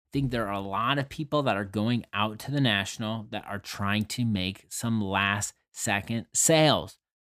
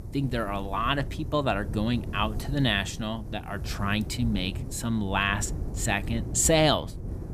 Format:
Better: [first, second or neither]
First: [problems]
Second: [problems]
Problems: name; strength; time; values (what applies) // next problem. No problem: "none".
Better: first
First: none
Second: wind noise on the microphone; occasional gusts; 20 dB below the speech